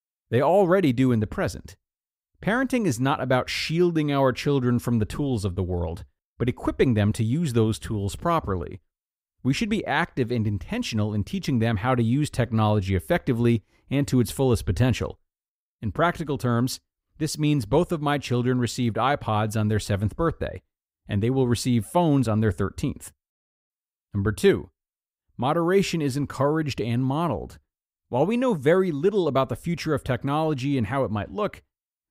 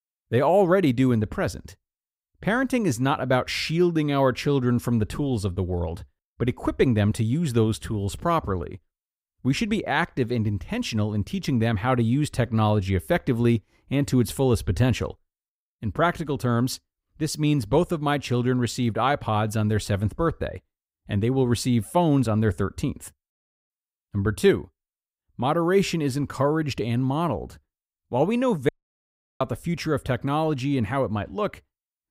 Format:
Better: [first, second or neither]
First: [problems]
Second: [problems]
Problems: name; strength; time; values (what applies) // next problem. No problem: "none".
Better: first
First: none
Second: audio cutting out; at 29 s for 0.5 s